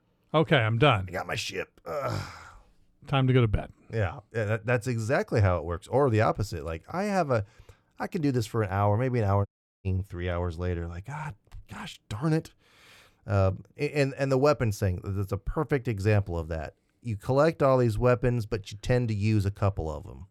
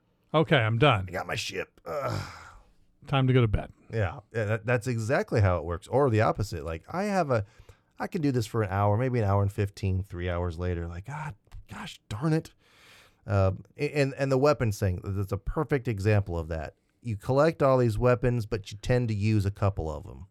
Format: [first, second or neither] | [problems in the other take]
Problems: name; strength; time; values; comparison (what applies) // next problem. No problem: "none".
second | audio cutting out; at 9.5 s